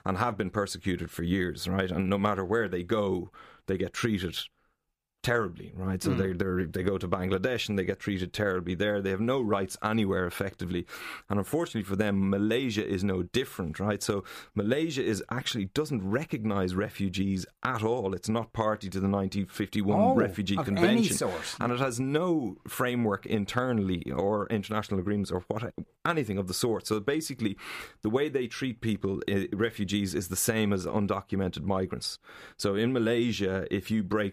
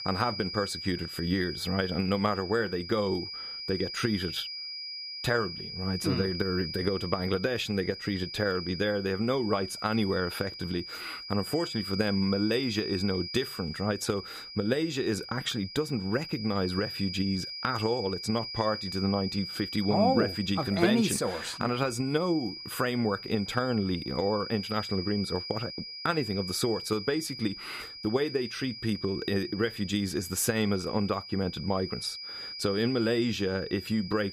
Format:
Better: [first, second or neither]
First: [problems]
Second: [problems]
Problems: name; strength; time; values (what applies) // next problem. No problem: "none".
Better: first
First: none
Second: high-pitched whine; loud; throughout; 5 kHz, 8 dB below the speech